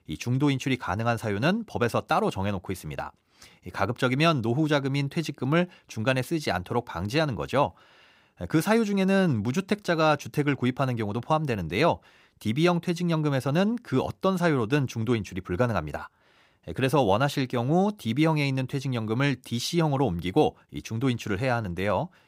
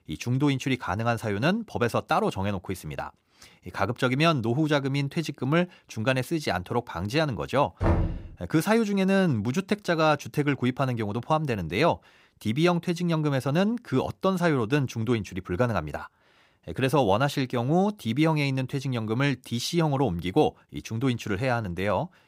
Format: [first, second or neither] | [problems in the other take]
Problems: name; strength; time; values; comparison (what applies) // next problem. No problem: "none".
first | door banging; loud; at 8 s; peak level with the speech